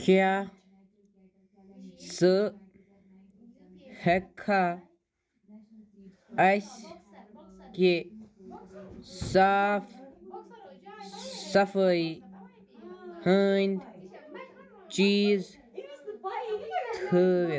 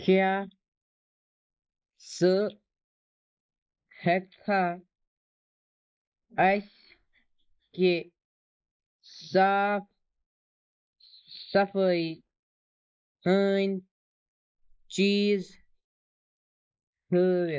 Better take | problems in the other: first | noise reduction (neural mask model Resemble Enhance denoiser)

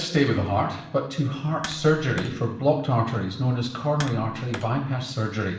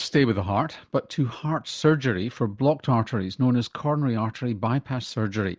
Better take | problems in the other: second | background sound (Tap); 17 dB below the speech // room echo; dies away in 0.8 s

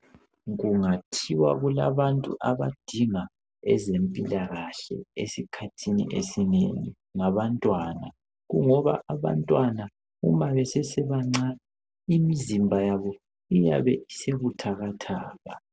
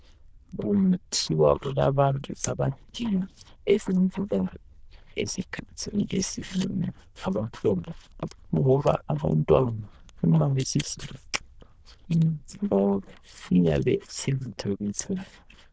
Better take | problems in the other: first | noise reduction (neural diffusion model UNIVERSE++)

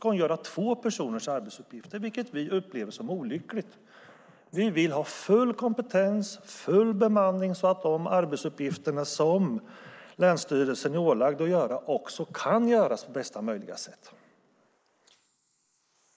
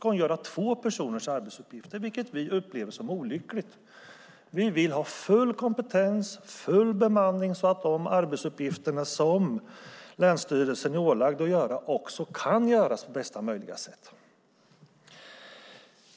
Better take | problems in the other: second | noise reduction (neural mask model Resemble Enhance denoiser)

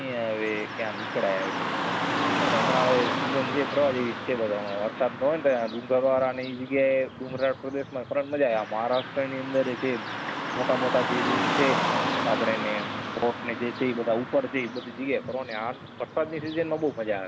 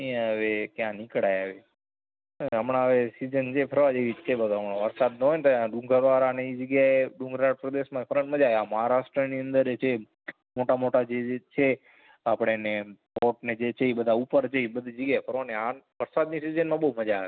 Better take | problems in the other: second | background sound (Car passing by / Traffic noise, roadway noise); 3 dB below the speech

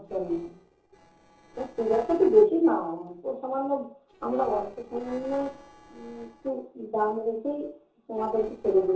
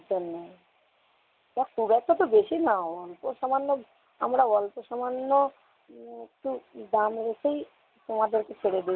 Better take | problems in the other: second | noise reduction (neural separator model SepFormer DNS4)

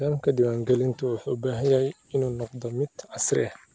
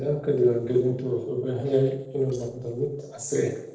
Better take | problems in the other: first | noise reduction (neural separator model SepFormer DNS4)

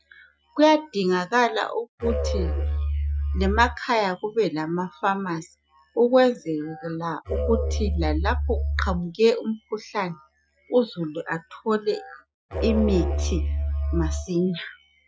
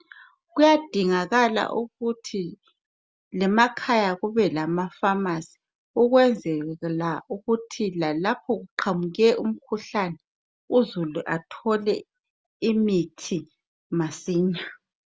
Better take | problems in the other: second | noise reduction (classical method Wiener filter)

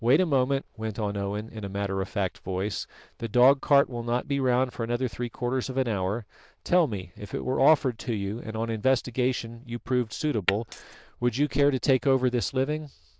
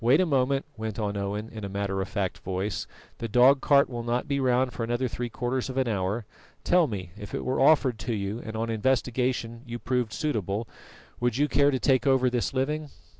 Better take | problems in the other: second | noise reduction (neural diffusion model UNIVERSE++)

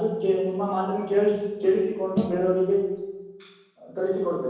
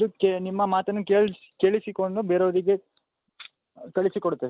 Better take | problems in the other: second | background sound (Snare drum); 10 dB below the speech // room echo; dies away in 1.1 s

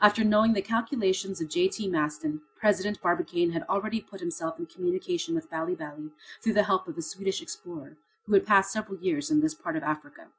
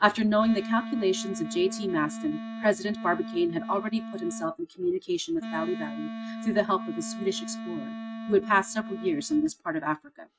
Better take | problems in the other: first | noise reduction (neural mask model RNNoise)

